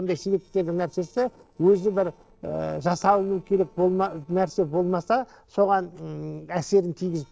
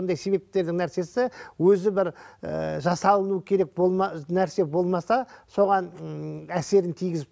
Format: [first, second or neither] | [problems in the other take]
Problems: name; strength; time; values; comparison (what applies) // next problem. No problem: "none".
second | noise reduction (neural separator model SepFormer DNS4)